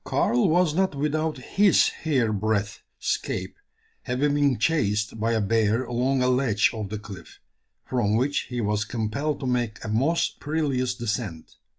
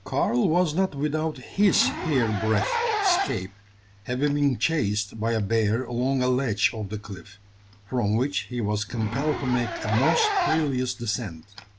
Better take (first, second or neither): first